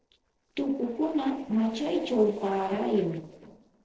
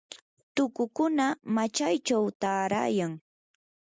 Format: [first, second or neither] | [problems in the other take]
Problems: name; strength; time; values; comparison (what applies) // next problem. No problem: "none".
second | noise reduction (neural separator model SepFormer DNS4)